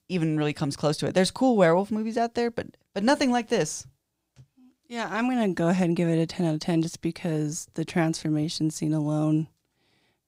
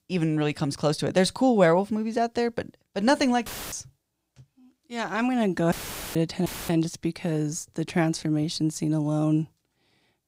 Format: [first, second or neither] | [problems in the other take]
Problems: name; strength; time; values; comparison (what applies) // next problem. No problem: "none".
first | audio cutting out; filled with static; at 3.5 s, at 5.5 s and at 6.5 s